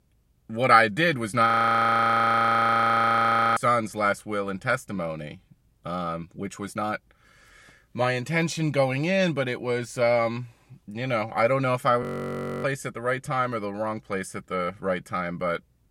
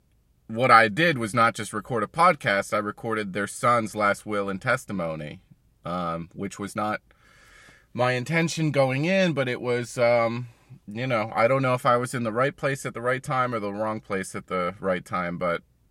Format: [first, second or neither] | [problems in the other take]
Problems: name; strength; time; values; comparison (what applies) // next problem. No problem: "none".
second | audio freezing; at 1.5 s for 2 s and at 12 s for 0.5 s